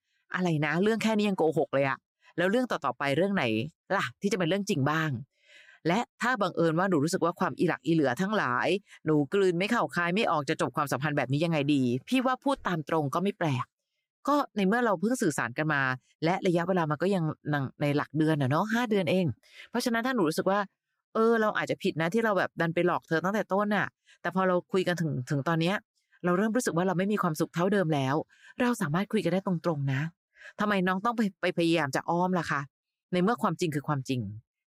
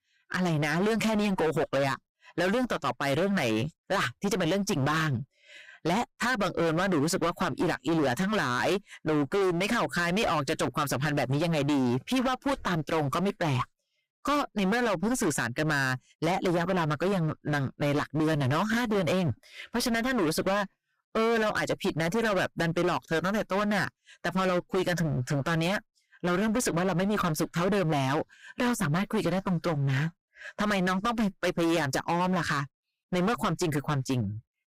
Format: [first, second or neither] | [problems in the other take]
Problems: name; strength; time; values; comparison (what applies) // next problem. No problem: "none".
first | distortion; heavy; 25% of the sound clipped